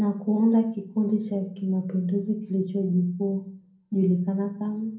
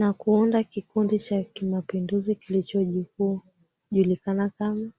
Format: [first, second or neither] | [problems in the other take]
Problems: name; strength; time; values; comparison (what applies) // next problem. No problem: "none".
second | room echo; dies away in 0.6 s